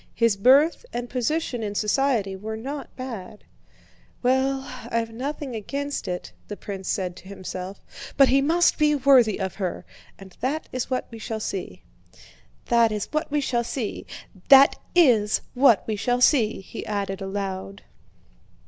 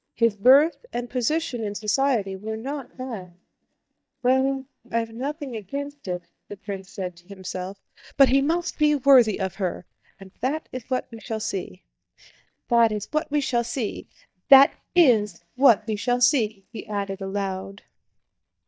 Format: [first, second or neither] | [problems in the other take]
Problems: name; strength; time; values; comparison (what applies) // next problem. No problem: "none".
first | noise reduction (neural mask model DeepFilterNet 3)